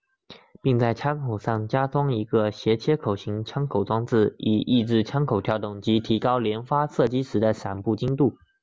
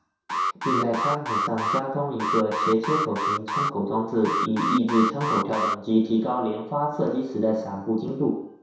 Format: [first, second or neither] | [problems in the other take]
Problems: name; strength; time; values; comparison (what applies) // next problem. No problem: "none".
first | background sound (Alarm); 1 dB below the speech // room echo; dies away in 0.7 s